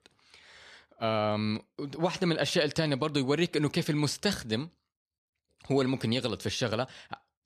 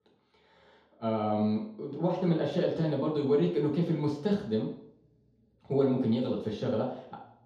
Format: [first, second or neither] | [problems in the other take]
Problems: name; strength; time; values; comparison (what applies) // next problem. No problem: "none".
first | room echo; noticeable; dies away in 0.8 s // off-mic speech; far